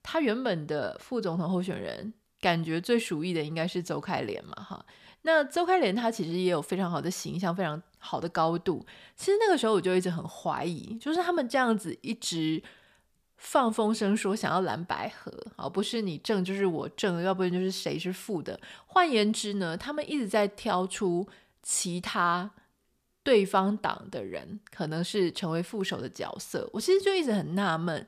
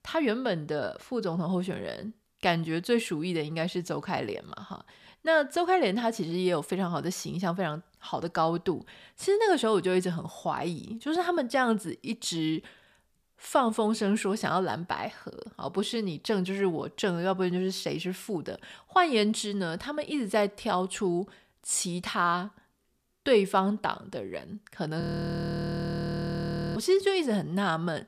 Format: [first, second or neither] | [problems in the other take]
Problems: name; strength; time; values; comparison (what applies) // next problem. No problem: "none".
first | audio freezing; at 25 s for 2 s